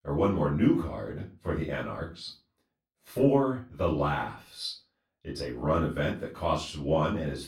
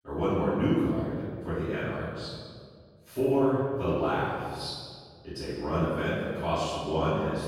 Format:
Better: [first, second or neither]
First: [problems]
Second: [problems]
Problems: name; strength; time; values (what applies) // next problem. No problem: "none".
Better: first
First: room echo; slight; dies away in 0.3 s // off-mic speech; far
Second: room echo; strong; dies away in 1.7 s // off-mic speech; far